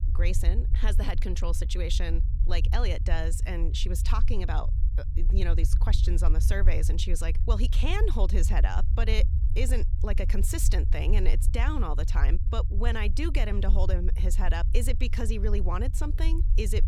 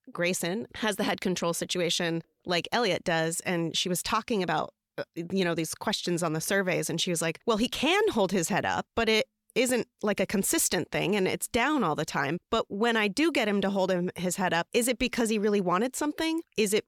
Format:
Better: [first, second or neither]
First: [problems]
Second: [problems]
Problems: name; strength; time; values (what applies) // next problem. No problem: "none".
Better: second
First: low rumble; noticeable; throughout; 10 dB below the speech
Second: none